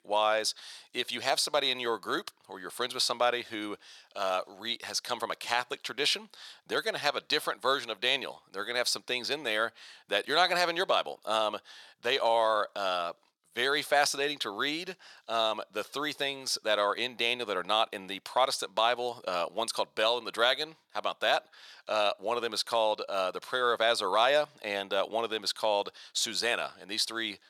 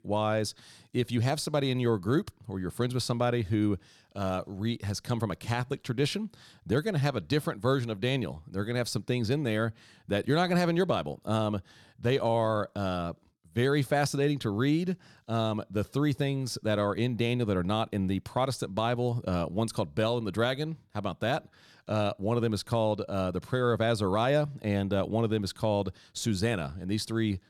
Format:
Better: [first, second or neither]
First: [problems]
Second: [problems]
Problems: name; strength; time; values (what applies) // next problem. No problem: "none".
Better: second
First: thin; very; fading below 750 Hz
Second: none